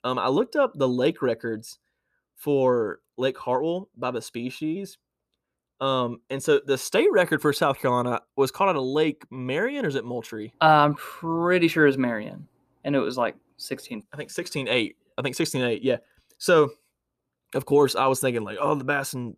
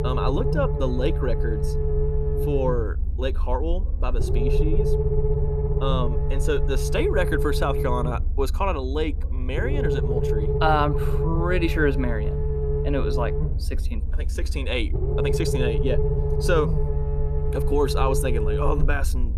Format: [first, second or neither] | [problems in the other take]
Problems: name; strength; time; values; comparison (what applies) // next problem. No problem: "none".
first | low rumble; loud; throughout; 4 dB below the speech